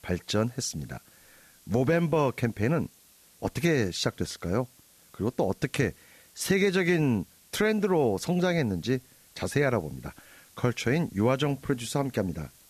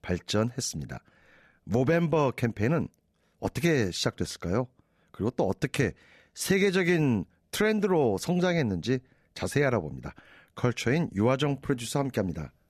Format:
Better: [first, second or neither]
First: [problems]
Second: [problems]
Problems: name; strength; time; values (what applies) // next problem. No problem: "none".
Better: second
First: hiss; faint; throughout; 25 dB below the speech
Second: none